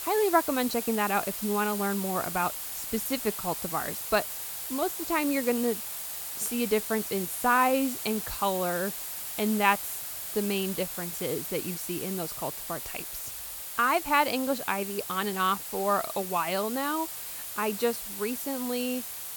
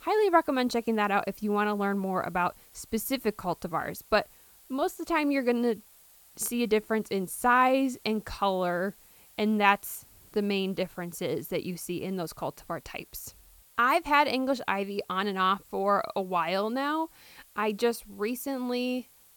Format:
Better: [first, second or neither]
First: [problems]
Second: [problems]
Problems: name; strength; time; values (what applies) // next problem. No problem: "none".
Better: second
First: hiss; loud; throughout; 5 dB below the speech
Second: hiss; faint; throughout; 25 dB below the speech